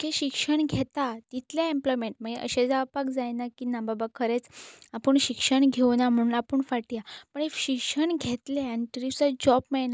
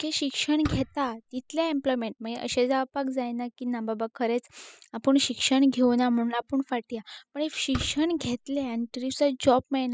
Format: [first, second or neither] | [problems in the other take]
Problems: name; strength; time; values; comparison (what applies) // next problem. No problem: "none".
first | noise reduction (classical method spectral subtraction)